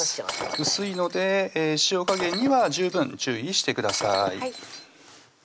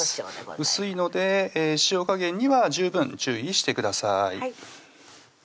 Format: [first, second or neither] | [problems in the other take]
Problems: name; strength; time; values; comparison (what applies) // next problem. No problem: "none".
second | background sound (Shatter); 10 dB below the speech